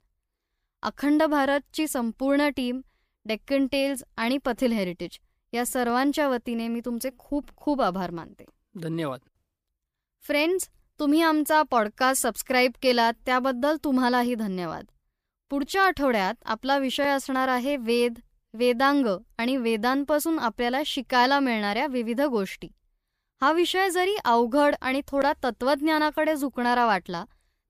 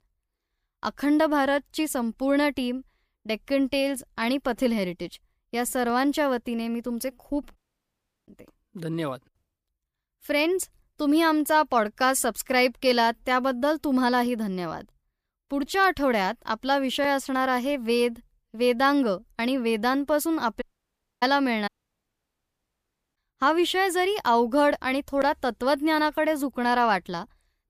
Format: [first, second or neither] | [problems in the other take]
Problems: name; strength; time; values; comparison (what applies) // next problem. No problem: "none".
first | audio cutting out; at 7.5 s for 0.5 s, at 21 s for 0.5 s and at 22 s for 1.5 s